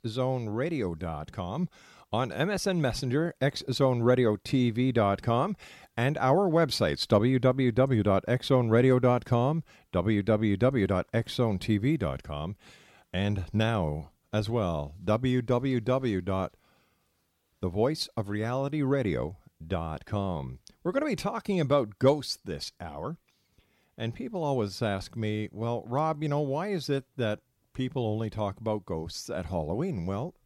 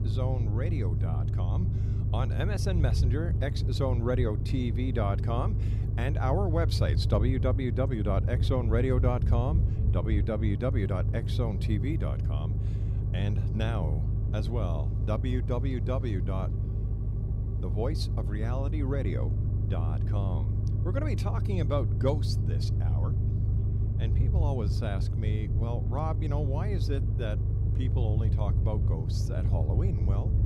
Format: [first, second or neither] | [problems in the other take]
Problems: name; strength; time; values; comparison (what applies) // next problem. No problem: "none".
first | low rumble; loud; throughout; 6 dB below the speech